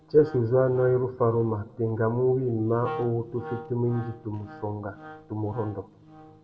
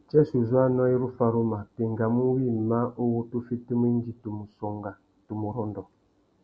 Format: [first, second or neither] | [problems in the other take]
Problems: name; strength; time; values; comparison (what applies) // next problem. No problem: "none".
second | background sound (Wind instrument, woodwind instrument); 16 dB below the speech // room echo; dies away in 0.6 s